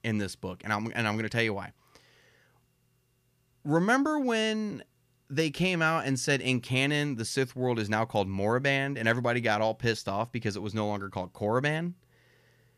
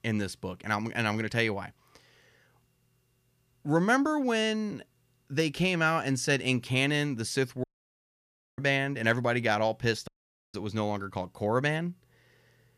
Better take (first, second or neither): first